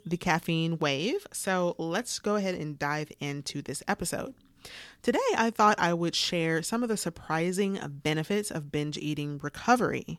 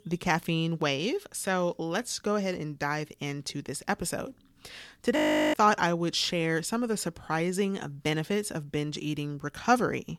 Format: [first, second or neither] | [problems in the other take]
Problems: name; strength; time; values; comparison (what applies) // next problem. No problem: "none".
first | audio freezing; at 5 s